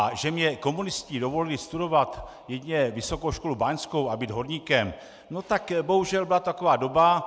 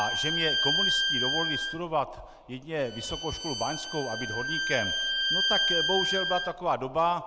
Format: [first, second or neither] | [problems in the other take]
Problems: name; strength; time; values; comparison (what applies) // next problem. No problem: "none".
first | background sound (Bowed string instrument); 2 dB above the speech